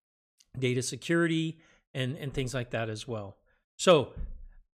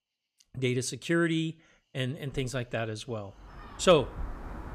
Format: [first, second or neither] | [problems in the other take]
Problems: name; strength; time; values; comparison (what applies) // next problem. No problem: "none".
first | animal sounds; noticeable; throughout; 15 dB below the speech